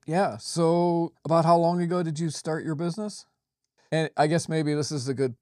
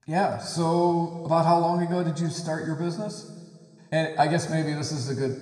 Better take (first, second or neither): first